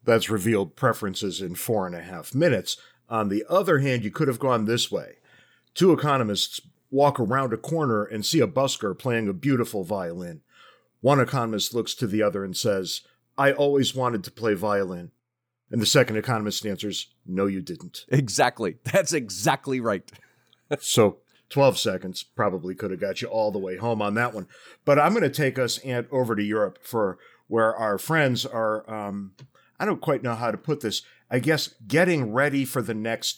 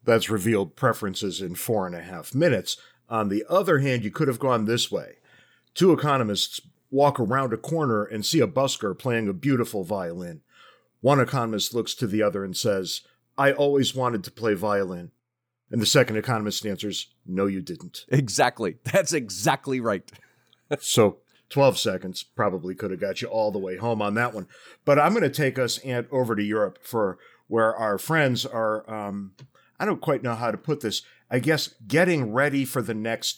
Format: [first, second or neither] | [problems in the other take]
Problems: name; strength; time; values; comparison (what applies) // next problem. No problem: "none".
neither | none